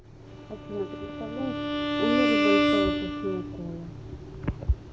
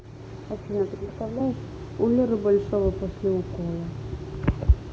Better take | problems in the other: second | background sound (Bowed string instrument); 4 dB above the speech

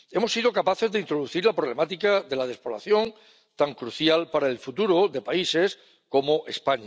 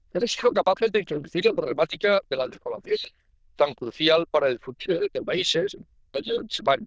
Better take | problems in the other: first | noise reduction (neural diffusion model UNIVERSE++)

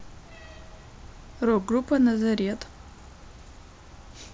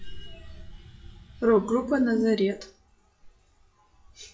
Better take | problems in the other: first | noise reduction (classical method WPE with log-MMSE)

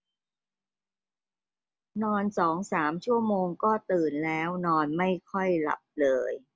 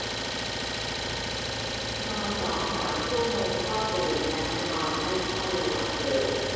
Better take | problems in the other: first | background sound (Idling); as loud as the speech // room echo; dies away in 2.2 s

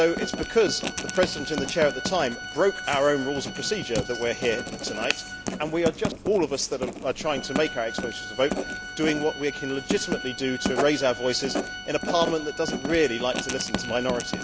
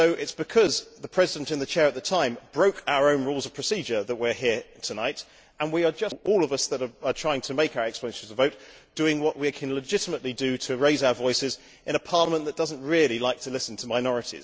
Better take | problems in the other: second | background sound (Organ + Writing); 6 dB below the speech

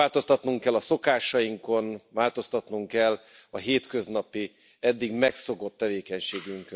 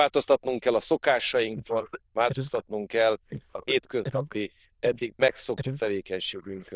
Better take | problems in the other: first | noise reduction (neural diffusion model UNIVERSE++)

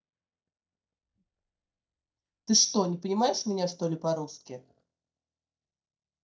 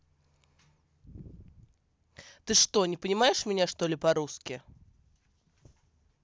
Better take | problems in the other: second | noise reduction (neural mask model DeepFilterNet 3)

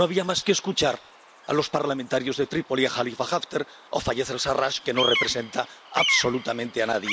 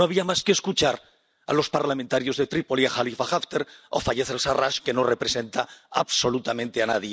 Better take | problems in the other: second | background sound (Bird vocalization, bird call, bird song); 7 dB below the speech

